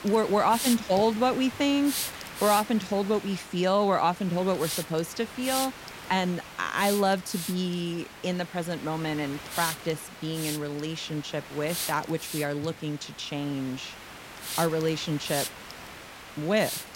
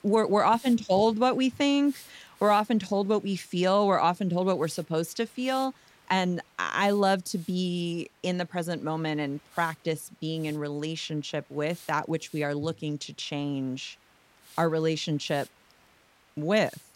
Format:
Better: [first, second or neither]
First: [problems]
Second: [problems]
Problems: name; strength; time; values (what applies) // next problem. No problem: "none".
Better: second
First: hiss; loud; throughout; 8 dB below the speech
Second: hiss; faint; throughout; 25 dB below the speech